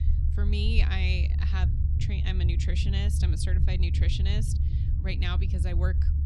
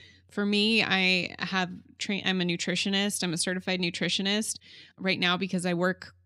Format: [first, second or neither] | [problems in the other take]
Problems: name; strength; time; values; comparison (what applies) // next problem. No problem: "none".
second | low rumble; loud; throughout; 6 dB below the speech